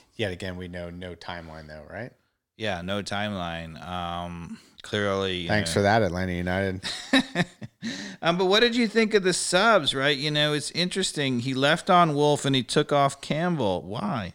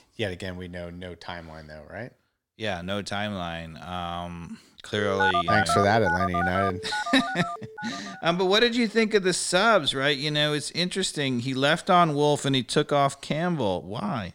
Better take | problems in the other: first | phone ringing; loud; from 5 to 8 s; peak 2 dB above the speech

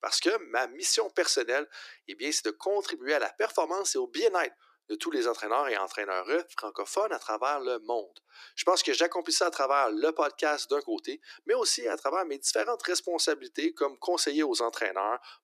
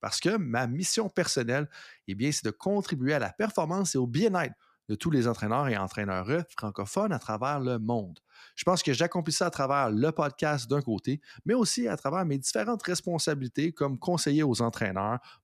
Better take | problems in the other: second | thin; very; fading below 300 Hz

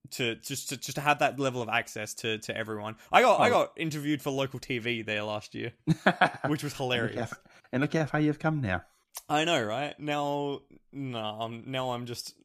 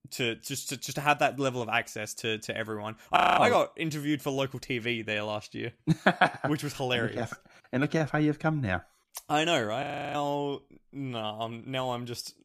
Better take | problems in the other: first | audio freezing; at 3 s and at 10 s

